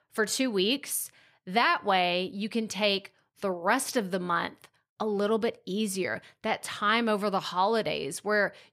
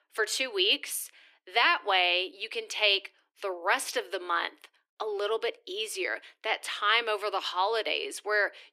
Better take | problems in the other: first | thin; very; fading below 300 Hz

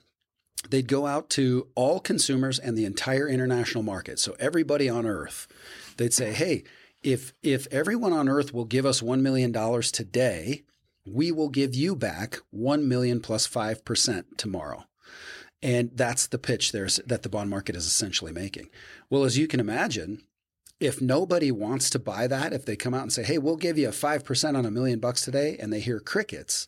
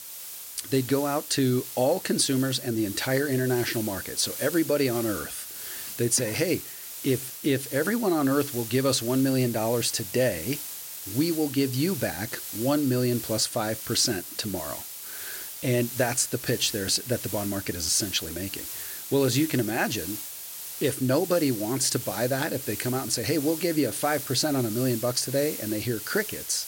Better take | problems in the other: first | hiss; loud; throughout; 8 dB below the speech

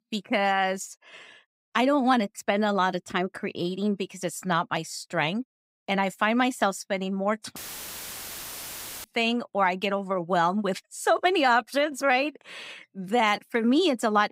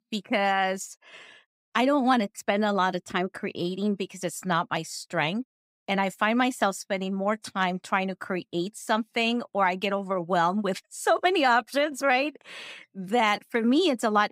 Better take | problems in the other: second | audio cutting out; filled with static; at 7.5 s for 1.5 s

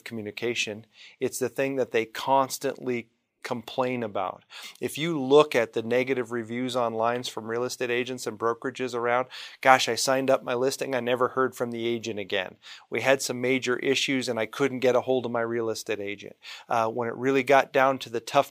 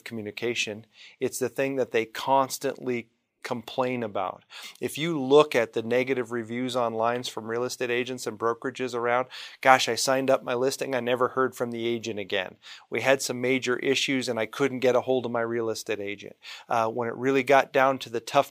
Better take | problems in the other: neither | thin; very slightly; fading below 750 Hz; the same in both

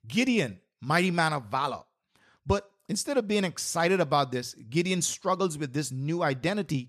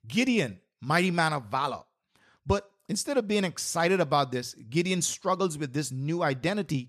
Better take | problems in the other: neither | none

